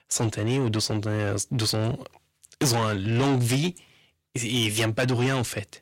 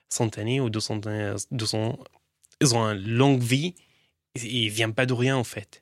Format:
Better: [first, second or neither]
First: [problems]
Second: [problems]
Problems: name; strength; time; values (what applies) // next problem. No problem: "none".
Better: second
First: distortion; heavy; 6 dB below the speech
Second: none